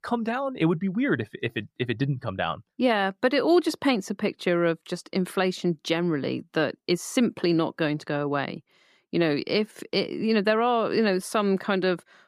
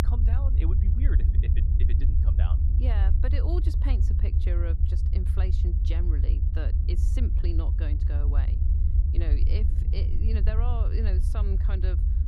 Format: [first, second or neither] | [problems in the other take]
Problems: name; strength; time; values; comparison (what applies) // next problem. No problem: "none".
first | low rumble; loud; throughout; 1 dB below the speech